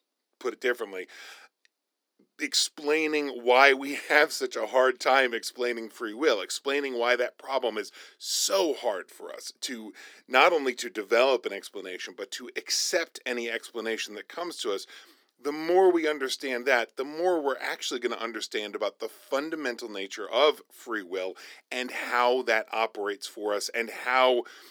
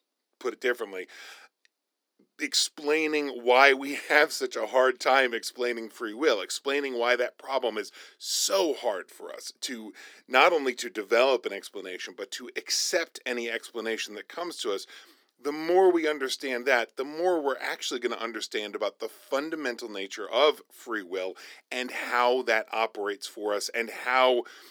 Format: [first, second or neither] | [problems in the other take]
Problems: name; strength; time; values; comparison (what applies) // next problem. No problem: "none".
neither | thin; very slightly; fading below 300 Hz; the same in both